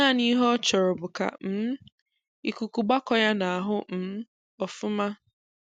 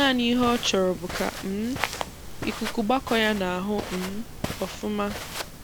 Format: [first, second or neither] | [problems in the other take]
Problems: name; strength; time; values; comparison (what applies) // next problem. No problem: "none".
first | background sound (Walk, footsteps); 8 dB below the speech